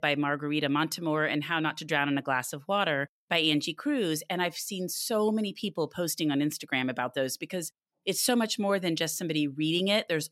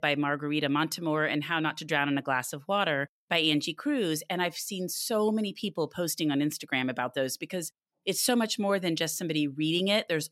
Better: neither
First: none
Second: none

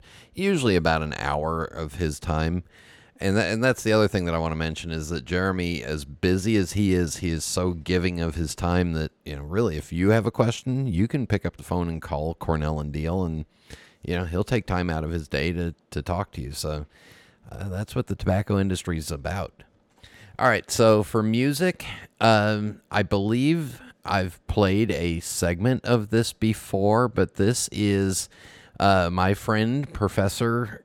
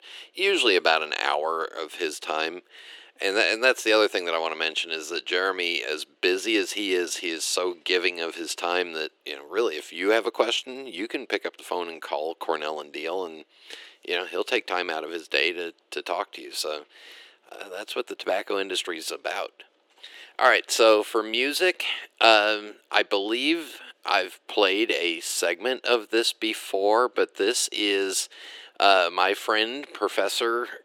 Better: first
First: none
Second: thin; very; fading below 350 Hz

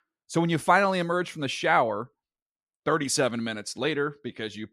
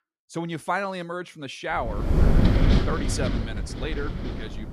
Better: first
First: none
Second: wind noise on the microphone; heavy; from 2 s on; 2 dB below the speech

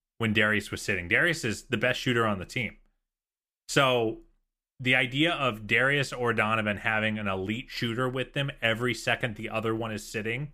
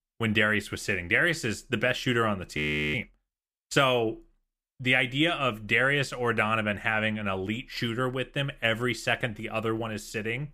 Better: first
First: none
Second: audio freezing; at 2.5 s

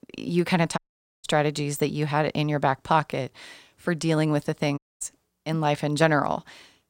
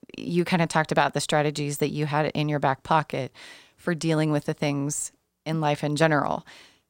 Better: second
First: audio cutting out; at 1 s and at 5 s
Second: none

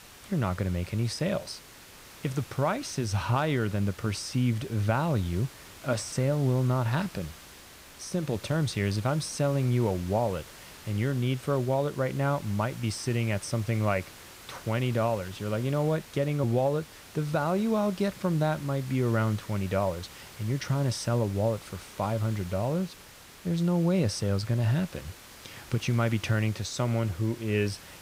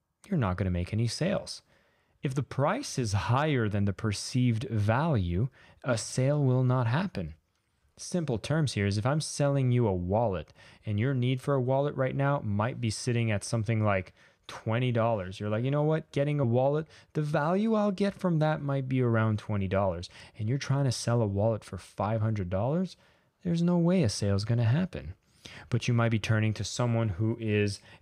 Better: second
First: hiss; noticeable; throughout; 20 dB below the speech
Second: none

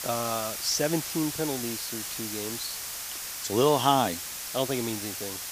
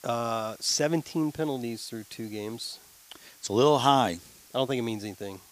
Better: second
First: hiss; loud; throughout; 4 dB below the speech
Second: hiss; faint; throughout; 25 dB below the speech

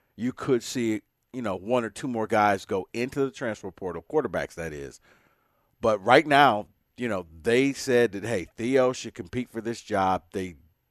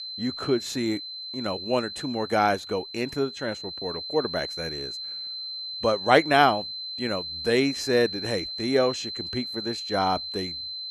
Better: first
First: none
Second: high-pitched whine; loud; throughout; 4 kHz, 6 dB below the speech

